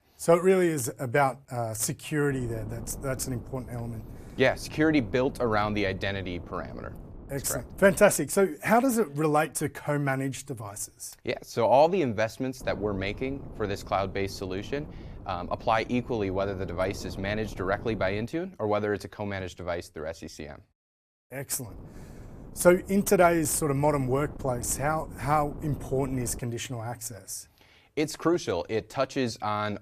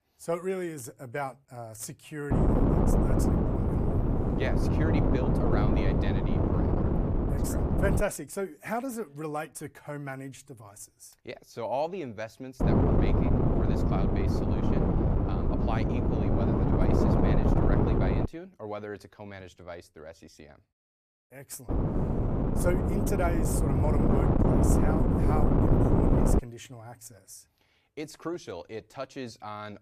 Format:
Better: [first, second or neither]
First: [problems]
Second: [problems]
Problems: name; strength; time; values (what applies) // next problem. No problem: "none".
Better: first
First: wind noise on the microphone; occasional gusts; from 2.5 to 8 s, from 13 to 18 s and from 22 to 26 s; 20 dB below the speech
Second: wind noise on the microphone; heavy; from 2.5 to 8 s, from 13 to 18 s and from 22 to 26 s; 5 dB above the speech